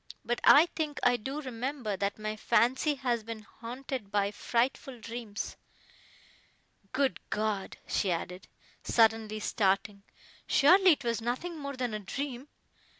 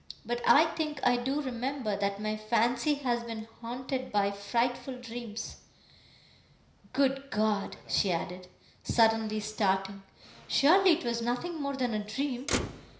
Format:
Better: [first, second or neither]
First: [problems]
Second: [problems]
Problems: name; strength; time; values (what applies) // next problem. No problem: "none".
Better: first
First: none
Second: background sound (Motor vehicle (road)); 16 dB below the speech // room echo; dies away in 0.5 s